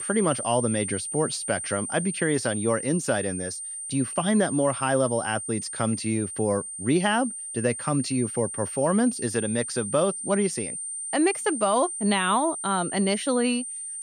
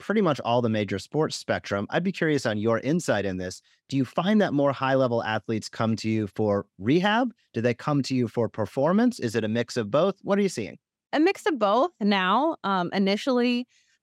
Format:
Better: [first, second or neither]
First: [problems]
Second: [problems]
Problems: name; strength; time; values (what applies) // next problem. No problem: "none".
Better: second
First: high-pitched whine; loud; throughout; 9 kHz, 6 dB below the speech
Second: none